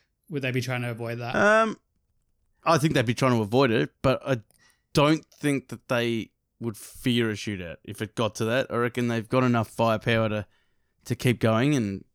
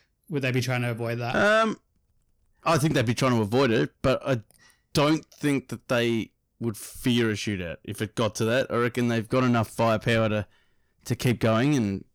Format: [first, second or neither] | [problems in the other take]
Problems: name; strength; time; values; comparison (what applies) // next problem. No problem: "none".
first | distortion; slight; 10 dB below the speech